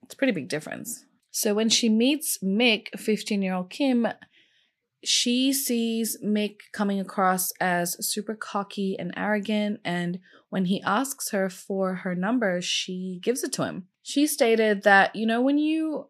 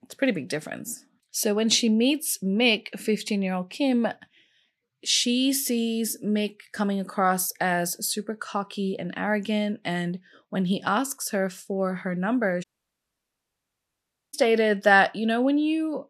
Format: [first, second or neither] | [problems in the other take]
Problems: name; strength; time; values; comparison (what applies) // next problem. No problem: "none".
first | audio cutting out; at 13 s for 1.5 s